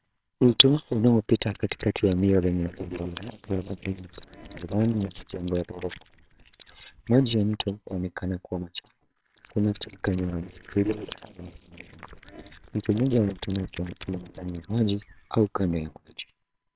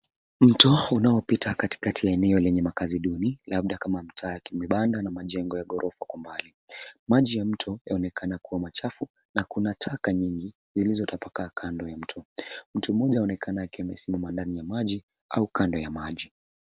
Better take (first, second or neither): second